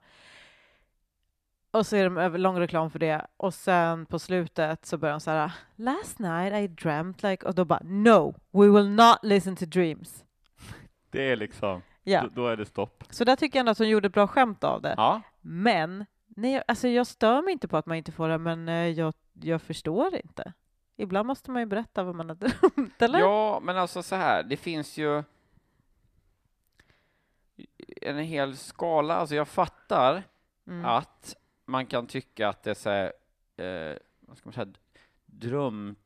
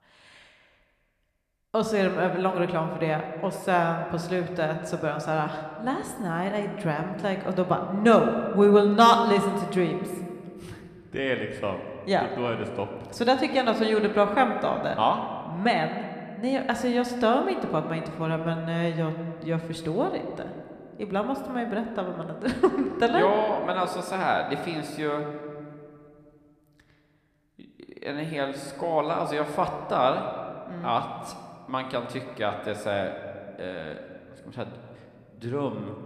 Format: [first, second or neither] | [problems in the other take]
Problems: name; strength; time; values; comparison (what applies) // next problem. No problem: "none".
first | room echo; slight; dies away in 1.8 s